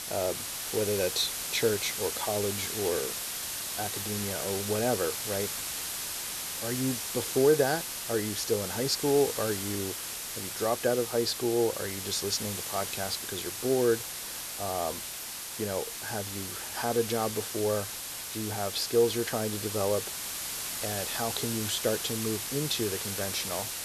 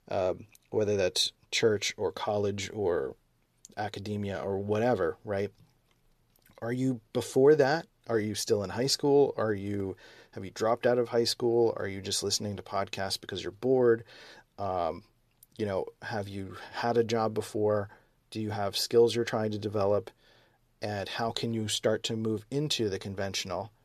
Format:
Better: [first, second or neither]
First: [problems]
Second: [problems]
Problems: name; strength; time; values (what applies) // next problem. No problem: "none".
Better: second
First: hiss; loud; throughout; 3 dB below the speech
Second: none